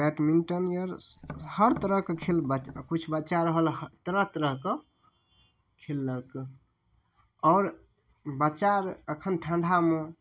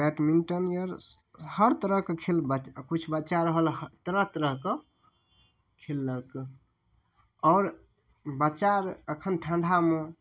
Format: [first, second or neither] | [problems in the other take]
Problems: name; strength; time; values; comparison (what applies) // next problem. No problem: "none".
second | background sound (Tap); 15 dB below the speech